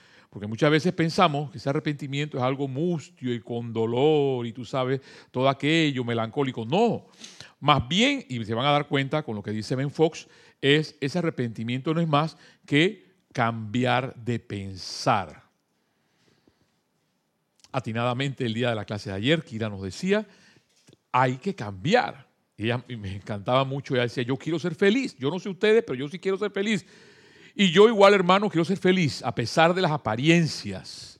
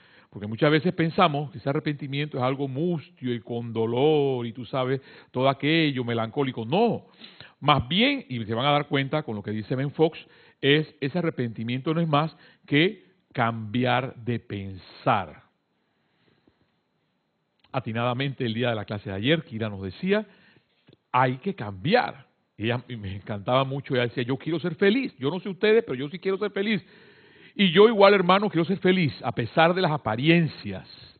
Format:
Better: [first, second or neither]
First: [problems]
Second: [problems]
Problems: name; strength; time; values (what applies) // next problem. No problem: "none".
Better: first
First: none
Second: garbled, watery; badly; nothing above 4 kHz